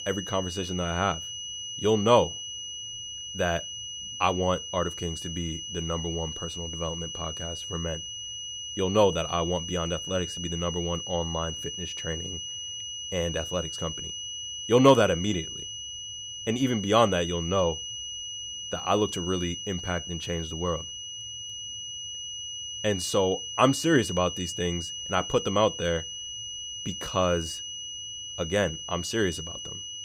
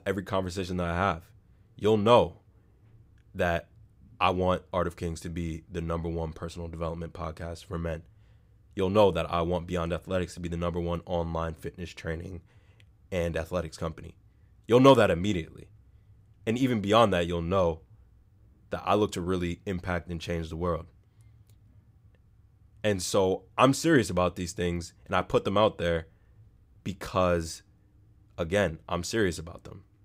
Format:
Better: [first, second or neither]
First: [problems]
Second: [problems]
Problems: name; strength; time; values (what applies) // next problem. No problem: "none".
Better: second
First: high-pitched whine; loud; throughout; 3 kHz, 6 dB below the speech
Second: none